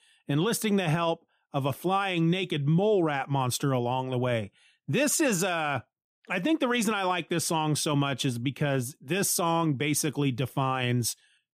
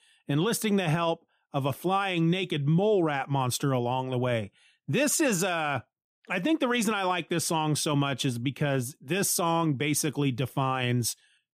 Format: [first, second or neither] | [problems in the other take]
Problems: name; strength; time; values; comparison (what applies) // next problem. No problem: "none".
neither | none